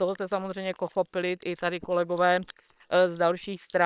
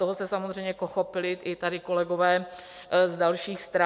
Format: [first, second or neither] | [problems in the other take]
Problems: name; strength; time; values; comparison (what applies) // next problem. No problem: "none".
second | noise reduction (neural separator model SepFormer WHAM!)